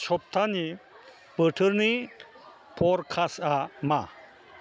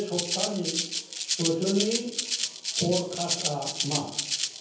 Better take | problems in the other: first | background sound (Rattle (instrument)); as loud as the speech // room echo; dies away in 0.9 s

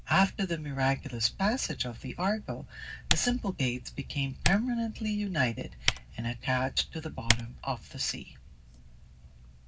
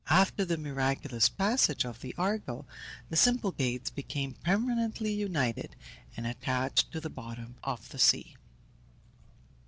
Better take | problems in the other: second | background sound (Typing); 6 dB below the speech // room echo; dies away in 0.4 s

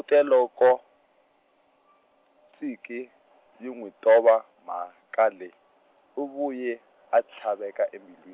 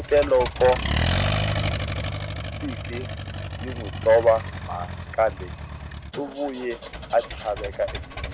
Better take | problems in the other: first | background sound (Accelerating, revving, vroom); 4 dB below the speech

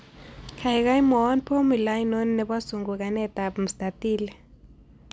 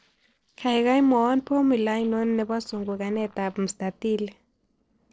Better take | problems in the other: first | noise reduction (neural separator model SepFormer DNS4)

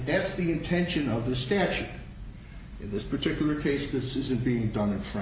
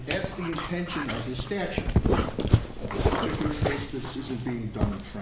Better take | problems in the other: first | background sound (Dog); 4 dB above the speech

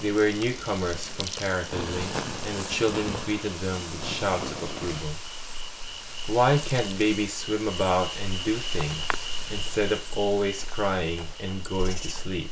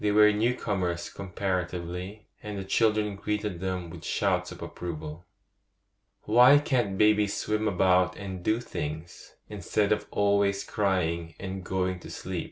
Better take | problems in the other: second | background sound (Insect); 3 dB below the speech

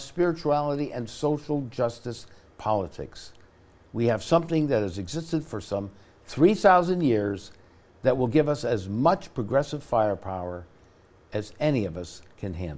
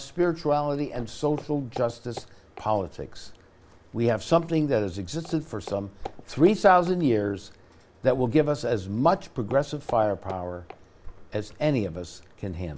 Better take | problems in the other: first | background sound (Walk, footsteps + Drawer open or close); 19 dB below the speech

